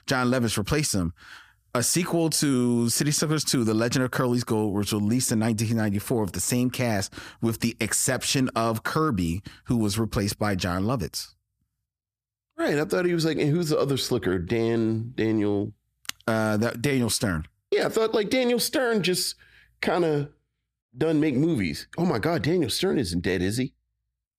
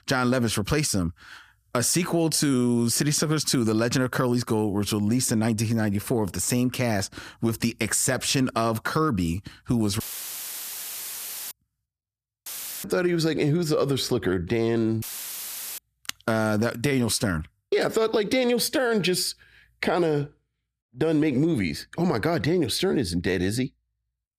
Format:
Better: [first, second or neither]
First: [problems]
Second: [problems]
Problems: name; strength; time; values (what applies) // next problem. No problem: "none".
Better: first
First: none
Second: audio cutting out; filled with static; at 10 s for 1.5 s, at 12 s and at 15 s for 1 s